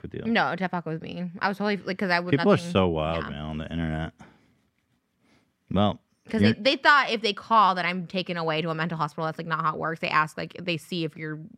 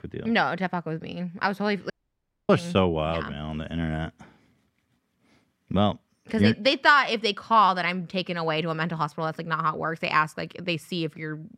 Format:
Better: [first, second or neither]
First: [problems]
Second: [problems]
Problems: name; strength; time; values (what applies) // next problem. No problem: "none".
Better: first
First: none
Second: audio cutting out; at 2 s for 0.5 s